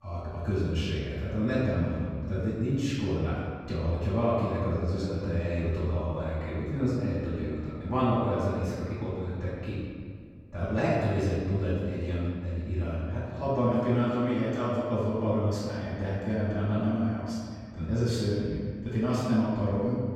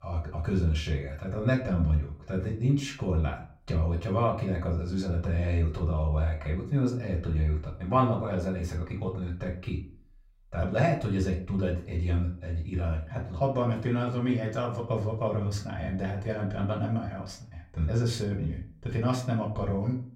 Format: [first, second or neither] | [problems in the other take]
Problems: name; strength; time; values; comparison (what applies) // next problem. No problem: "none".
second | room echo; strong; dies away in 1.8 s; slight in the second // off-mic speech; far; far in the second